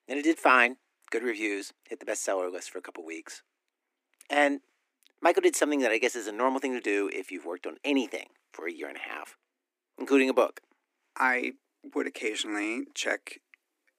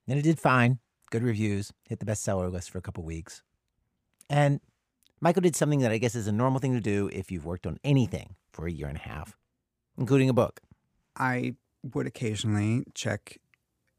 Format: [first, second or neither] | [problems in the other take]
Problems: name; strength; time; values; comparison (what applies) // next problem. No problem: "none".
second | thin; somewhat; fading below 250 Hz